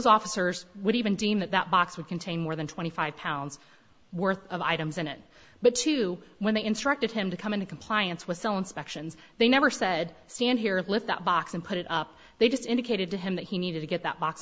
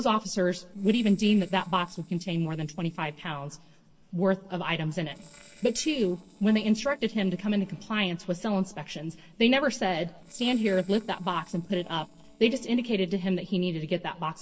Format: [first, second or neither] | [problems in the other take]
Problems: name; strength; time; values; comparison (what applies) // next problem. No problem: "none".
first | noise reduction (neural separator model SepFormer DNS4)